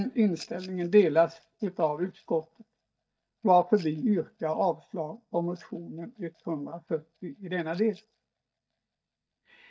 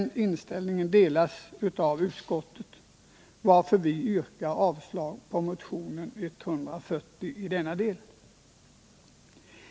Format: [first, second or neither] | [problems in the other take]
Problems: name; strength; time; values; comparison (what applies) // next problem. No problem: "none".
second | noise reduction (neural mask model DeepFilterNet 3)